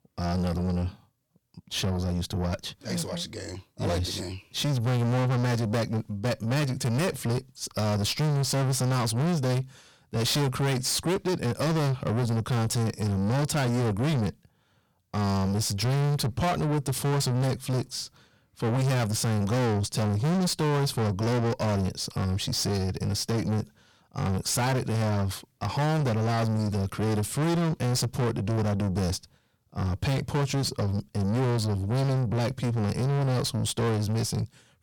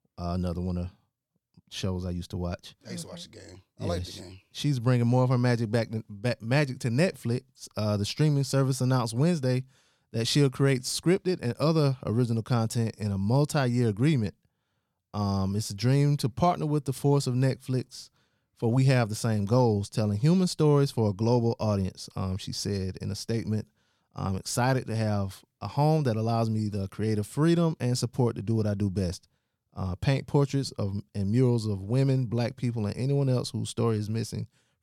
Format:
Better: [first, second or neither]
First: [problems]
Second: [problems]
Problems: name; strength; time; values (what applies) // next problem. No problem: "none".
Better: second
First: distortion; heavy; 6 dB below the speech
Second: none